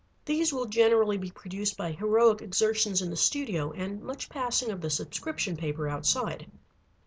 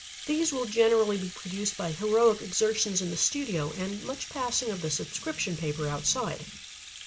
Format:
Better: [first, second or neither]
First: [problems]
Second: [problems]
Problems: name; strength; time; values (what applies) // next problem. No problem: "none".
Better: first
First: none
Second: background sound (Rattle (instrument)); 14 dB below the speech